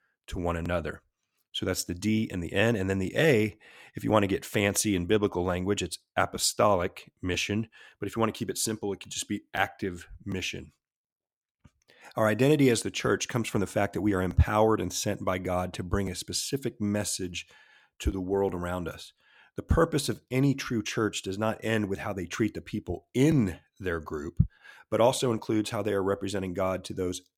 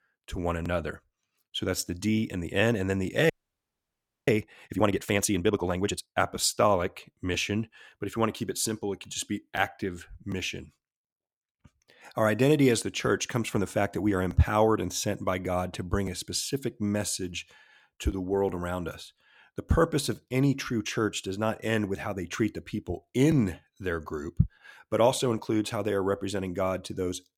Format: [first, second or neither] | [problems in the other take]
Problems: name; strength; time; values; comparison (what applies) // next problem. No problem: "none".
first | audio freezing; at 3.5 s for 1 s